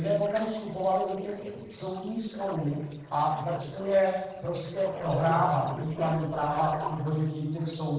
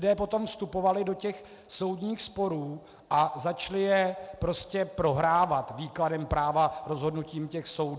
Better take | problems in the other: second | noise reduction (neural separator model SepFormer DNS4)

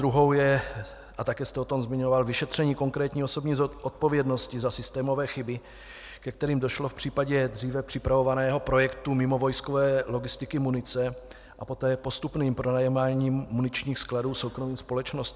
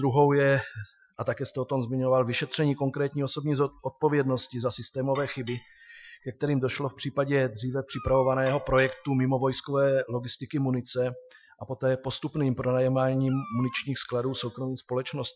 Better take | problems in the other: first | noise reduction (classical method Wiener filter)

